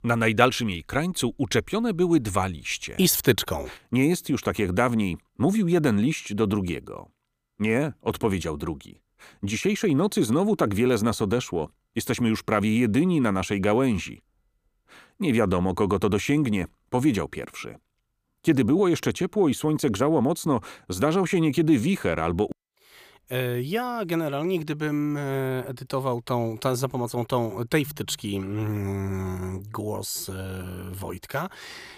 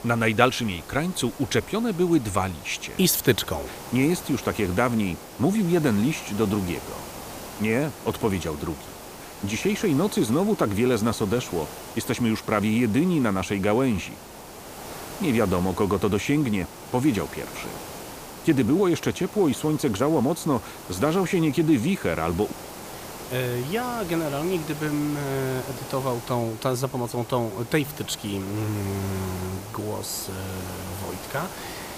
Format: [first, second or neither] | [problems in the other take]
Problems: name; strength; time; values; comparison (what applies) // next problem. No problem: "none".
first | hiss; noticeable; throughout; 15 dB below the speech